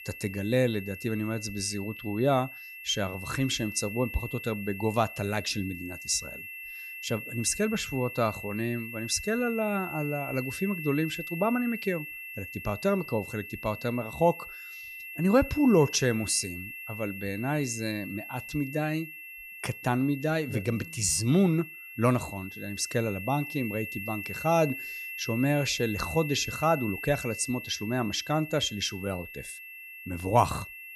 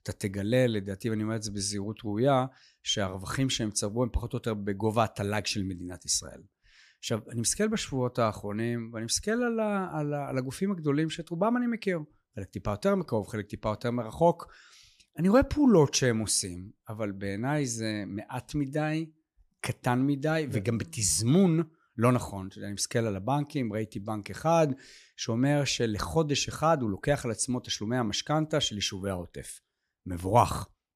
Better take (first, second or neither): second